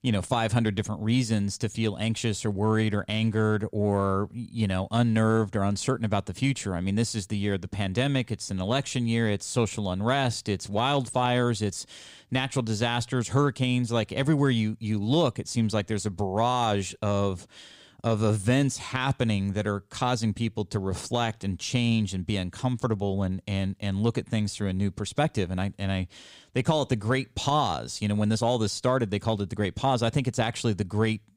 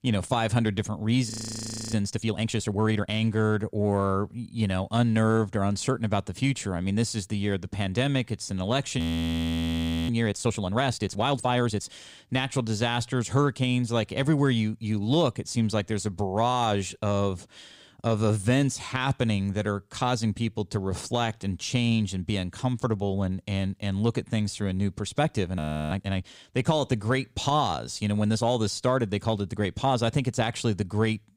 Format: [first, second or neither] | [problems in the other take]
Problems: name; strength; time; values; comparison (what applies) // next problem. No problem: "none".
first | audio freezing; at 1.5 s for 0.5 s, at 9 s for 1 s and at 26 s